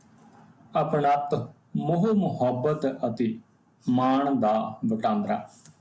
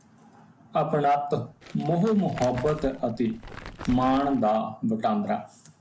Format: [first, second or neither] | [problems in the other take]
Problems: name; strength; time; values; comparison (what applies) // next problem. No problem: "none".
first | background sound (Crumpling, crinkling); 14 dB below the speech